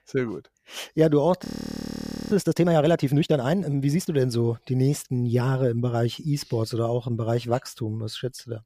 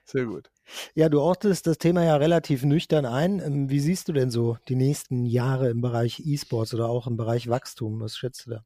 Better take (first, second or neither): second